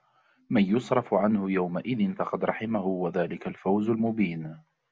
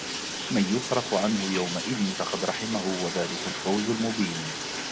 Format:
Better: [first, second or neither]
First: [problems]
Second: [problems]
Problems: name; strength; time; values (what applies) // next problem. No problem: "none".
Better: first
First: none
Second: background sound (Bathtub (filling or washing)); 4 dB below the speech